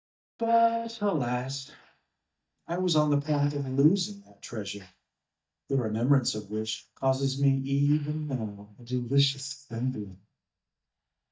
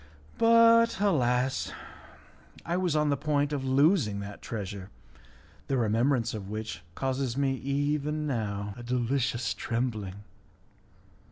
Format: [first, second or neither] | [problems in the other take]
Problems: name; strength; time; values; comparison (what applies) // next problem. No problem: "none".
second | noise reduction (neural mask model DeepFilterNet 3)